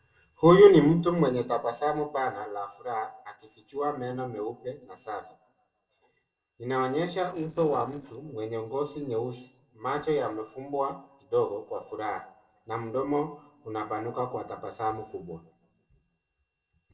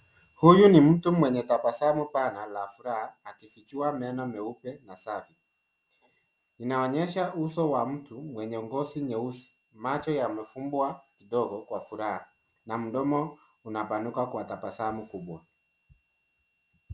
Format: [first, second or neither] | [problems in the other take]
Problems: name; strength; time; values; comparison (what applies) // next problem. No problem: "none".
second | noise reduction (neural separator model SepFormer DNS4)